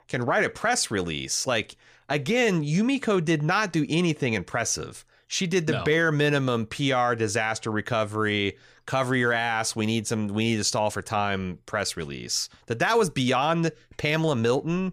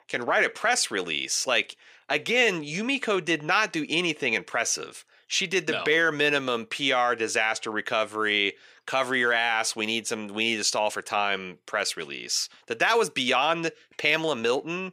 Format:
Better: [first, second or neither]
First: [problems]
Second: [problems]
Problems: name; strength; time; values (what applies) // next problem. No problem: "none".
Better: first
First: none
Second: thin; somewhat; fading below 350 Hz